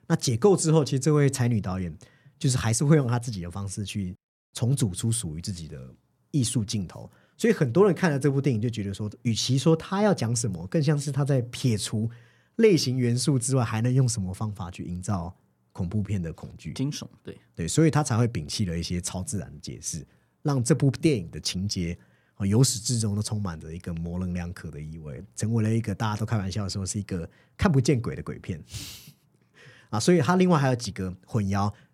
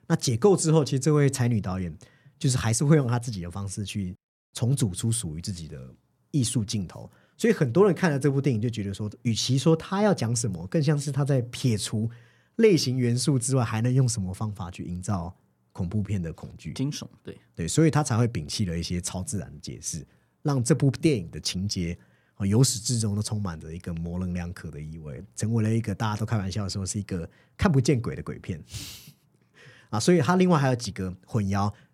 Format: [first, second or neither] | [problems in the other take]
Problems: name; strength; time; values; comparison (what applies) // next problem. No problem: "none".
neither | none